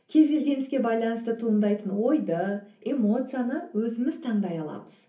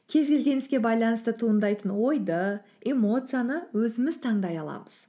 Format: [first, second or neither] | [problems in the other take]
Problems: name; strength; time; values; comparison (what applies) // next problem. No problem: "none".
second | room echo; dies away in 0.3 s